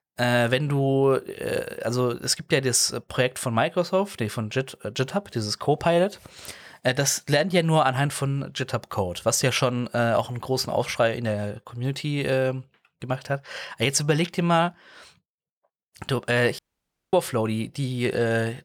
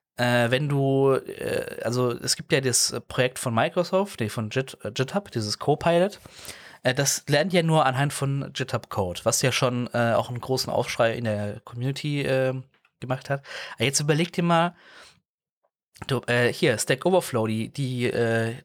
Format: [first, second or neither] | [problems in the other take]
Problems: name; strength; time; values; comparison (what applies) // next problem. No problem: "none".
second | audio cutting out; at 17 s for 0.5 s